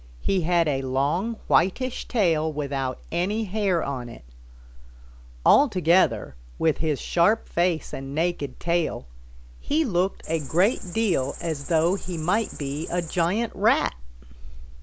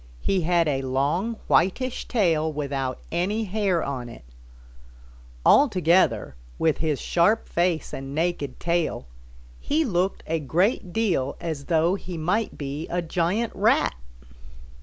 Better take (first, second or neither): second